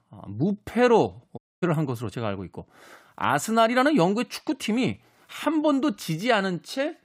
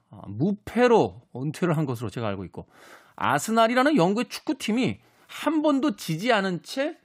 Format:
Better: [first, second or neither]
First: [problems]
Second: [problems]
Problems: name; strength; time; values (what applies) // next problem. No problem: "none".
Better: second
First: audio cutting out; at 1.5 s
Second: none